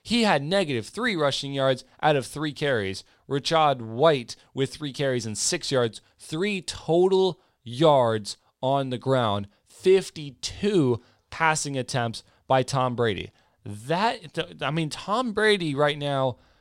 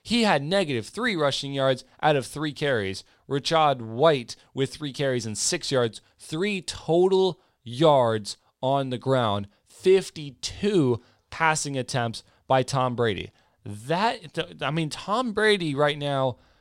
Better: neither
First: none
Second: none

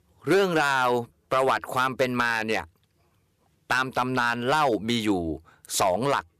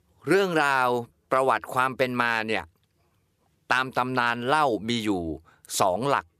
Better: second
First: distortion; slight; 3% of the sound clipped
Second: none

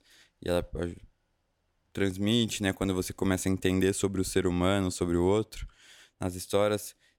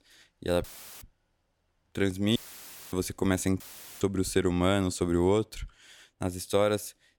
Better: first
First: none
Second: audio cutting out; filled with static; at 0.5 s, at 2.5 s for 0.5 s and at 3.5 s

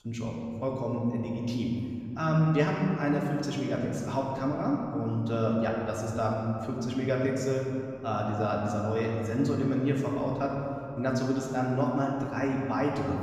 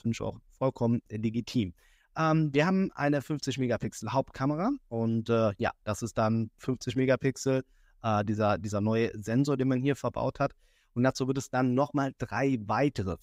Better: second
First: room echo; noticeable; dies away in 2.6 s // off-mic speech; somewhat distant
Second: none

